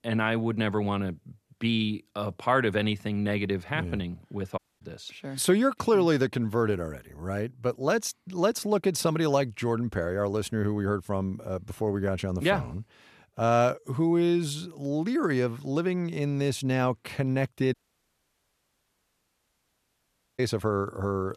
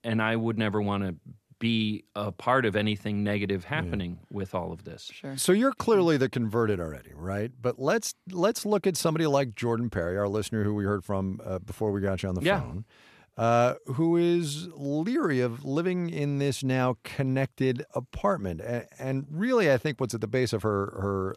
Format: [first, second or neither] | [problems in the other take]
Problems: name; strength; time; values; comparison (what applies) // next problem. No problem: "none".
second | audio cutting out; at 4.5 s and at 18 s for 2.5 s